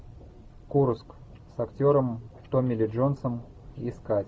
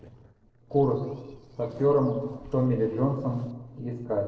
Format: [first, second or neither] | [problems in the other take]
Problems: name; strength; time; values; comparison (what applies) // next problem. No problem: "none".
first | noise reduction (neural separator model SepFormer DNS4)